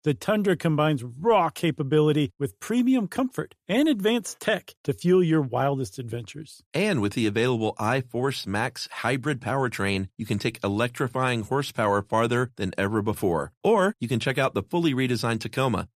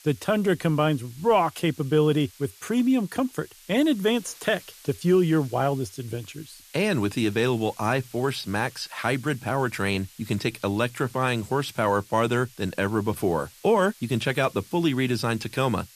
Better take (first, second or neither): first